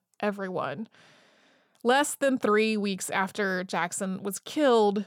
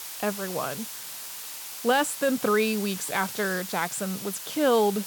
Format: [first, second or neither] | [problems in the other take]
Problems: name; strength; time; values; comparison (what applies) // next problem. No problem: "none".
first | hiss; loud; throughout; 8 dB below the speech